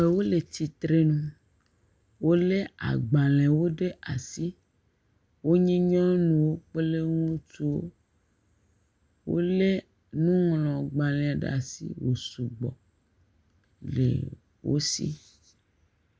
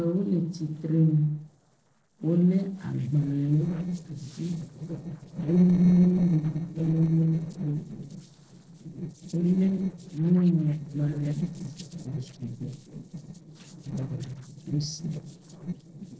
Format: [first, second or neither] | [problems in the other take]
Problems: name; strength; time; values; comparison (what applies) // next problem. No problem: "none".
first | noise reduction (neural separator model SepFormer DNS4)